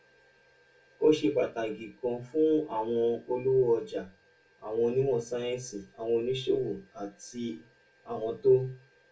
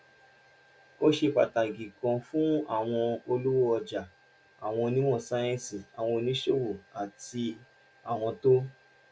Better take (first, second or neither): second